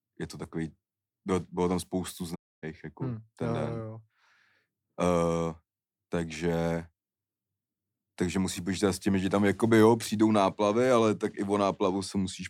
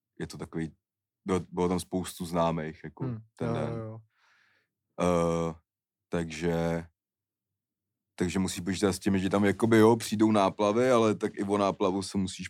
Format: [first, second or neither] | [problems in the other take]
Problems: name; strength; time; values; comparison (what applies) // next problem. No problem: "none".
second | audio cutting out; at 2.5 s